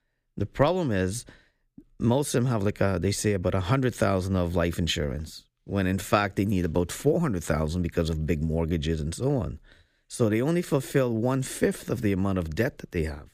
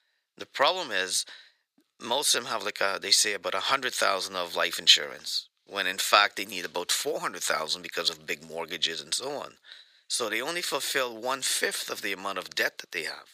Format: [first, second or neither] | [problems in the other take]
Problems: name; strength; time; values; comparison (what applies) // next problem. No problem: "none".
first | thin; very; fading below 950 Hz